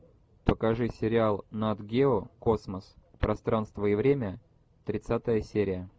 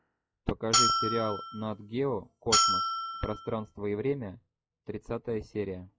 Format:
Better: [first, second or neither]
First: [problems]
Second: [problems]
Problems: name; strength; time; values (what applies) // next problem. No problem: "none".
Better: first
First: none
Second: noise reduction (classical method log-MMSE)